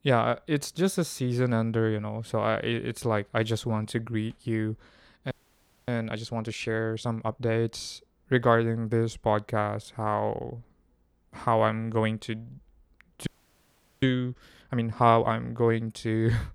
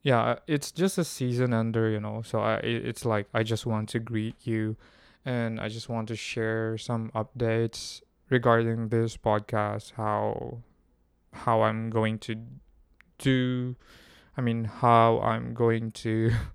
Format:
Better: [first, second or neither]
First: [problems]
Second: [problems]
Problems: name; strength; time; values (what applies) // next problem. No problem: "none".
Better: second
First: audio freezing; at 5.5 s for 0.5 s and at 13 s for 1 s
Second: none